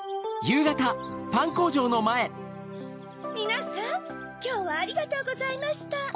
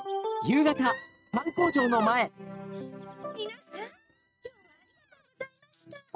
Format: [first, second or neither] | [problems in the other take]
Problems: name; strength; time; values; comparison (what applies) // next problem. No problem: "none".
first | noise reduction (neural mask model RNNoise)